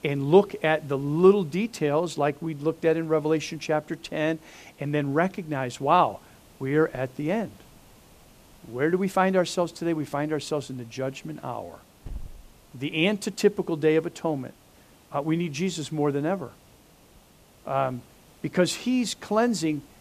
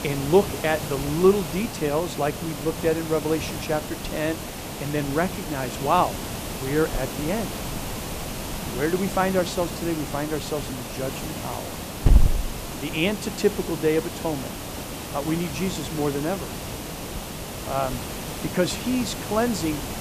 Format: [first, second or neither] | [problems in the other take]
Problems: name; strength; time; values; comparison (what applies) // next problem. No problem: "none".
first | hiss; loud; throughout; 5 dB below the speech; faint in the first